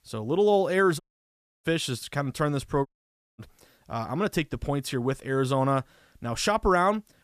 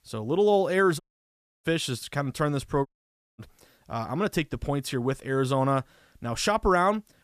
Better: neither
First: audio cutting out; at 1 s for 0.5 s and at 3 s for 0.5 s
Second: audio cutting out; at 1 s for 0.5 s and at 3 s for 0.5 s

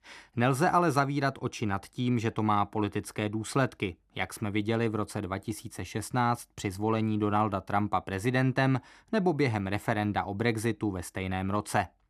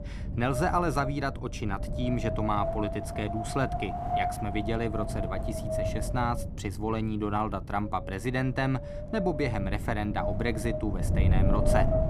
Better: first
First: none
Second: wind noise on the microphone; heavy; 3 dB below the speech

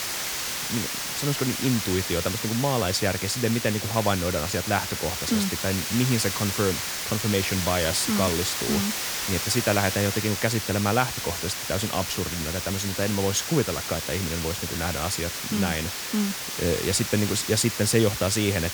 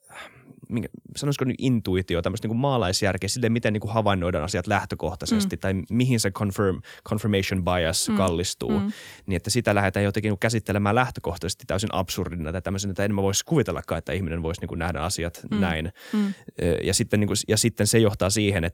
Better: second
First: hiss; loud; throughout; 2 dB below the speech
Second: none

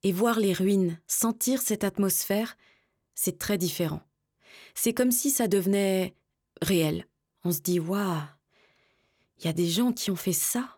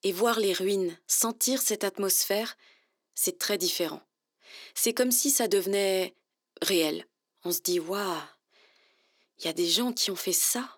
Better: first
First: none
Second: thin; somewhat; fading below 300 Hz

